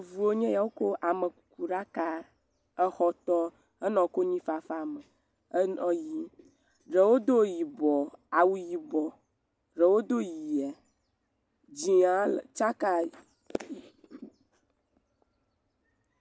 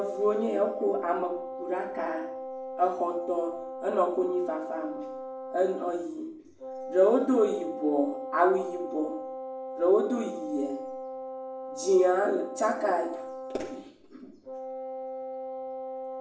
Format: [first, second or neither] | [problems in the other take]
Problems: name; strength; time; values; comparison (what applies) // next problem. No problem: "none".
first | background sound (Wind instrument, woodwind instrument); 9 dB below the speech // room echo; dies away in 0.5 s